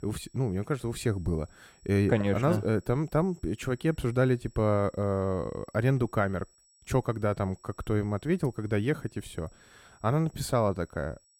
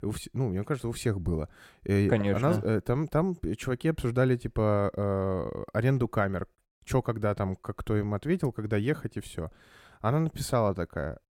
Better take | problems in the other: second | high-pitched whine; faint; throughout; 8 kHz, 30 dB below the speech

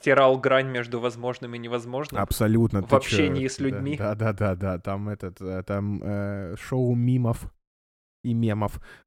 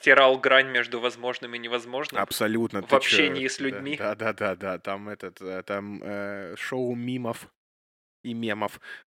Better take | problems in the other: first | thin; somewhat; fading below 300 Hz

